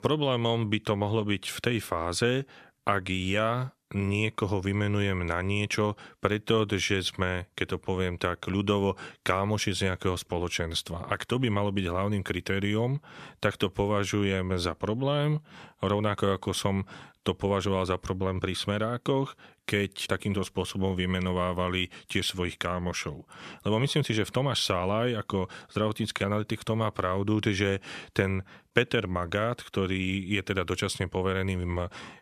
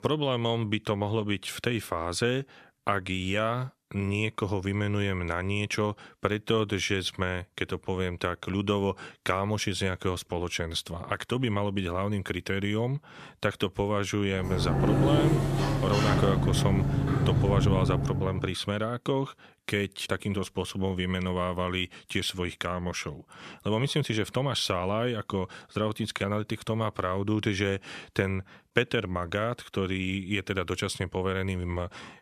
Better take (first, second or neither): first